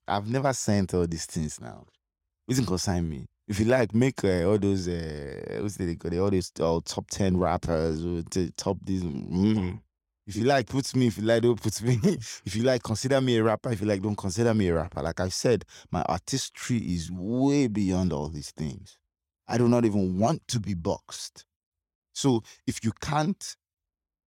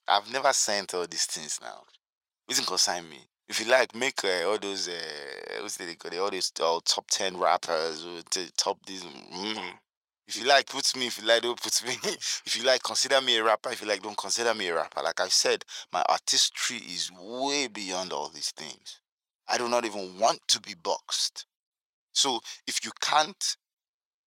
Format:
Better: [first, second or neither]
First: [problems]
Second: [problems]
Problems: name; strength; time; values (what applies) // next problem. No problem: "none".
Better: first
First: none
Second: thin; very; fading below 800 Hz